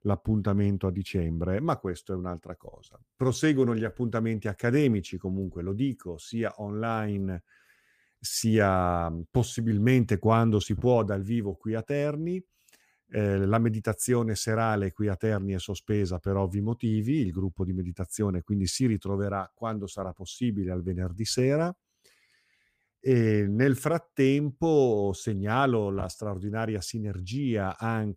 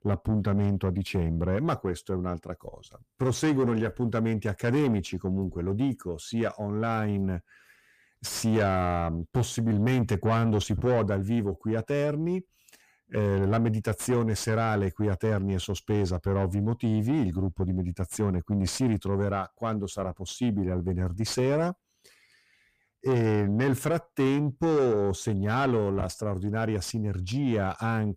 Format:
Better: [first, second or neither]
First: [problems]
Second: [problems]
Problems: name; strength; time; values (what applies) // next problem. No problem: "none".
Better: first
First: none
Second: distortion; slight; 10 dB below the speech